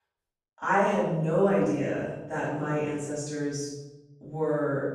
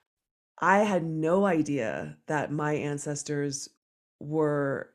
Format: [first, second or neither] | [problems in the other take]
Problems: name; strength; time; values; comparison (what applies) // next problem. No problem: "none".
second | off-mic speech; far // room echo; strong; dies away in 0.9 s